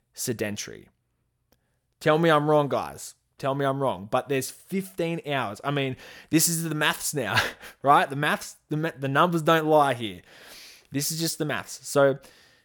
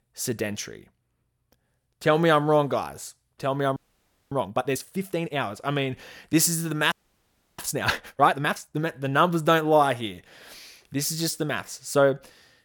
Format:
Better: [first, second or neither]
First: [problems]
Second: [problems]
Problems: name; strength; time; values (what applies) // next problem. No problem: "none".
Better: first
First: none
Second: audio freezing; at 4 s for 0.5 s and at 7 s for 0.5 s